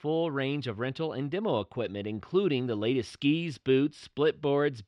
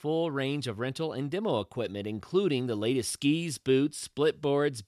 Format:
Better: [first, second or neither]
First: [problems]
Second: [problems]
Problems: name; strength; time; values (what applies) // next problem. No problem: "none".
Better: second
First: muffled; slightly; fading above 3 kHz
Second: none